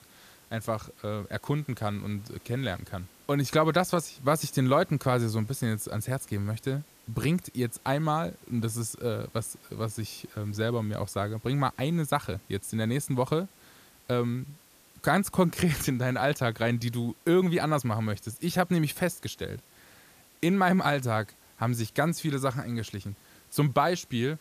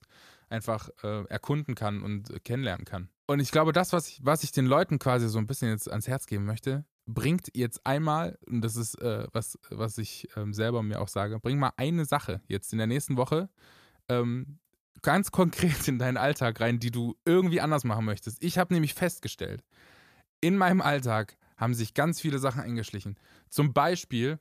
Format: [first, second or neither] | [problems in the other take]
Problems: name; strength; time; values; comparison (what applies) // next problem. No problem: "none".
second | hiss; faint; throughout; 25 dB below the speech